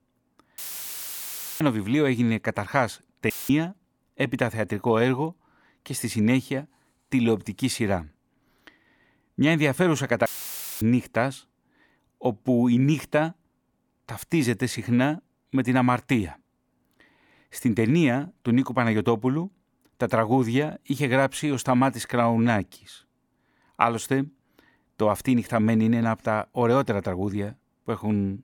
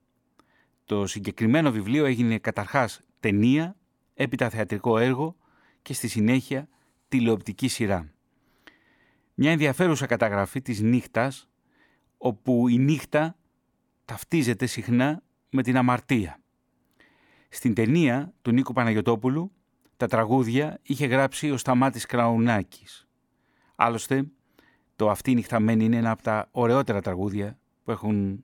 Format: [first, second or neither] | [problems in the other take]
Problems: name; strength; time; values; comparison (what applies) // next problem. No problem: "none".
second | audio cutting out; filled with static; at 0.5 s for 1 s, at 3.5 s and at 10 s for 0.5 s